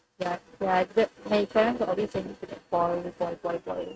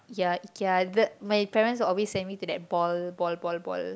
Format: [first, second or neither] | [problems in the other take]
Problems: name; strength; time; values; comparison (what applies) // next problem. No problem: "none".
second | noise reduction (neural mask model RNNoise)